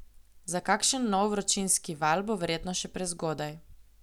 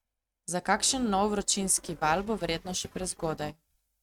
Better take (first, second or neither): first